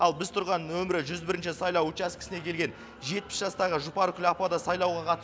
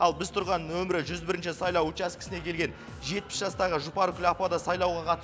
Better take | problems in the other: first | background sound (Bass guitar); 18 dB below the speech

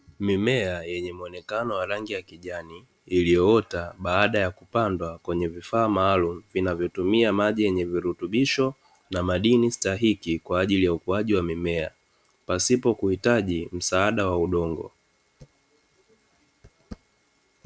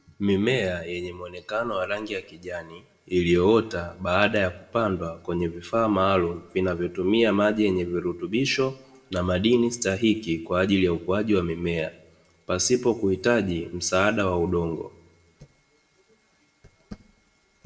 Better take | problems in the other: first | room echo; dies away in 0.6 s

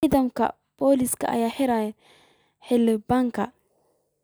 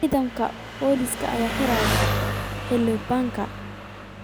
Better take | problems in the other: first | background sound (Engine); 2 dB below the speech

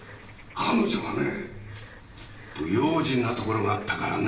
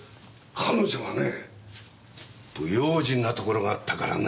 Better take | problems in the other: second | background sound (Bird / Frog); 19 dB below the speech // room echo; dies away in 0.8 s

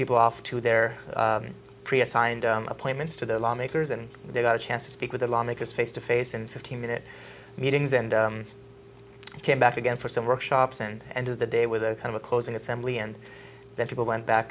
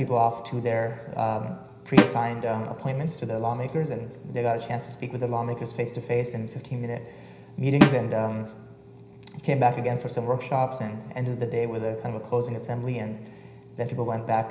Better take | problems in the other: first | background sound (Snare drum); 2 dB above the speech // room echo; dies away in 0.9 s

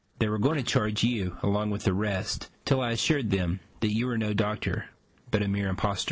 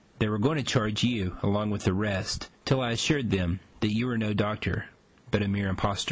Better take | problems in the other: second | noise reduction (neural separator model SepFormer DNS4)

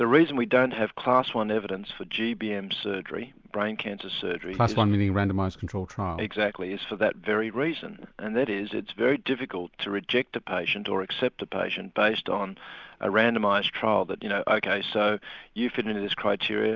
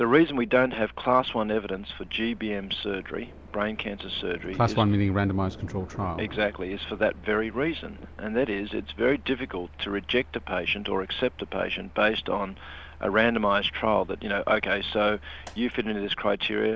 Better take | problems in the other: first | background sound (Mechanical fan + Thunder); 18 dB below the speech

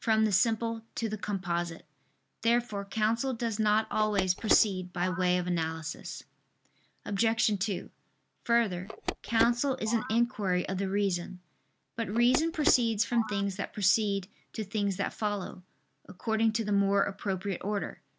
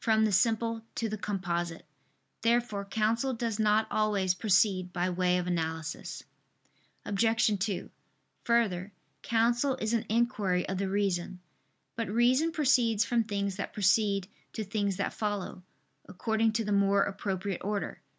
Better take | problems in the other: second | background sound (Telephone); 9 dB below the speech

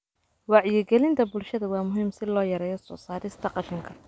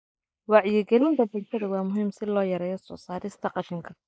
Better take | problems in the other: first | noise reduction (neural mask model Resemble Enhance denoiser)

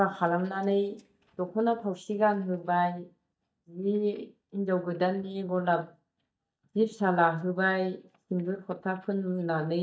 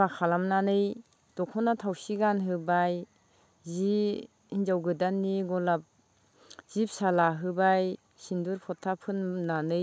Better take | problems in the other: second | noise reduction (neural mask model DeepFilterNet 3)

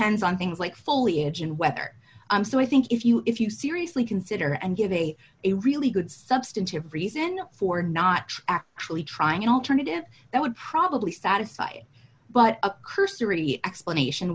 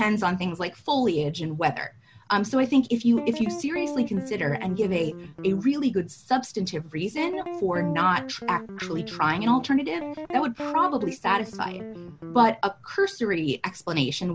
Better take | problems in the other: first | background sound (Guitar); 10 dB below the speech

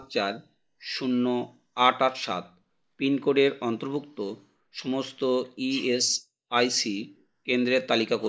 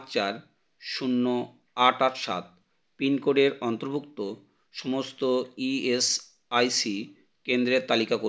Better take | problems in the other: second | noise reduction (neural mask model Resemble Enhance denoiser)

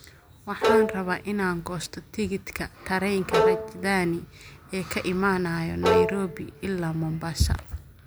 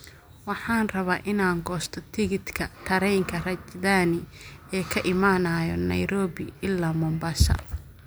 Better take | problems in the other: second | background sound (Bowed string instrument); 1 dB above the speech

